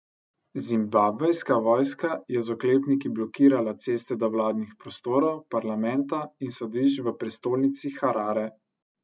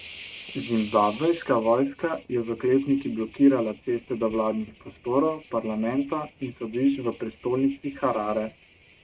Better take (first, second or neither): first